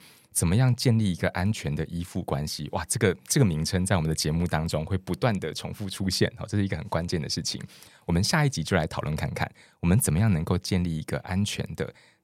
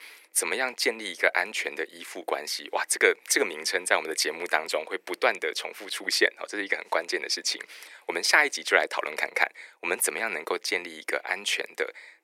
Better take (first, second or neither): first